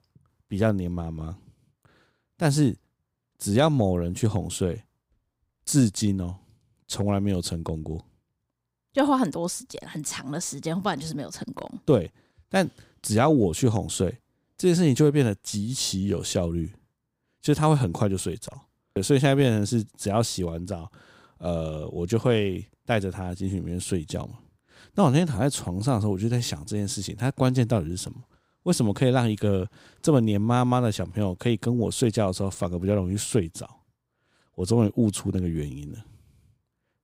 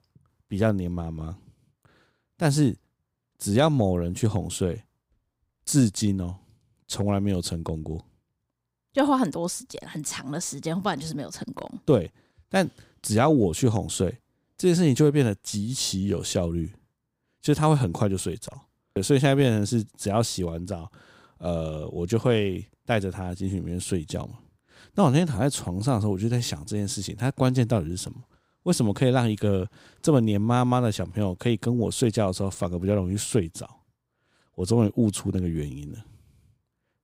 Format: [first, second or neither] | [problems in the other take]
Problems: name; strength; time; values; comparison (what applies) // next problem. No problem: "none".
neither | none